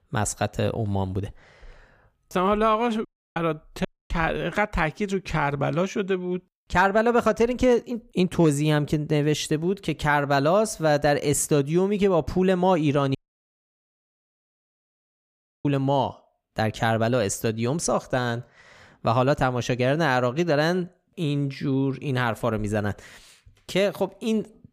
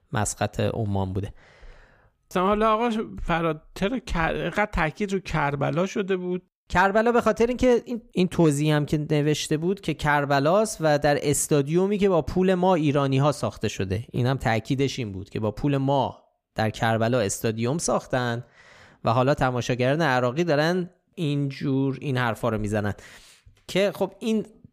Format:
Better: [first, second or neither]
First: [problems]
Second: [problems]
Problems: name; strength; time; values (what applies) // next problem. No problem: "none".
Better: second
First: audio cutting out; at 3 s, at 4 s and at 13 s for 2.5 s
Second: none